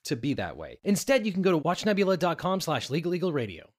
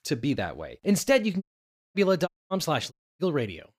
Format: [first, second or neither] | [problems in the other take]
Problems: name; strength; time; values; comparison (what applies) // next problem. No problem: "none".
first | audio cutting out; at 1.5 s for 0.5 s, at 2.5 s and at 3 s